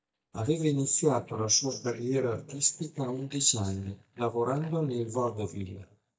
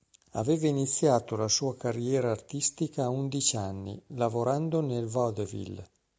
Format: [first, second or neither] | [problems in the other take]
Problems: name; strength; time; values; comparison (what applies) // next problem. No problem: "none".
second | noise reduction (neural mask model DeepFilterNet 3)